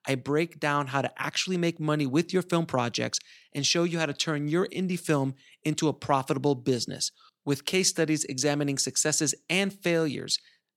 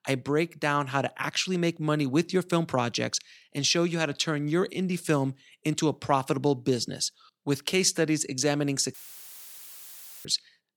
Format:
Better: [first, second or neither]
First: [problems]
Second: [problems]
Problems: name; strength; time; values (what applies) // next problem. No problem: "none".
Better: first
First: none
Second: audio cutting out; filled with static; at 9 s for 1.5 s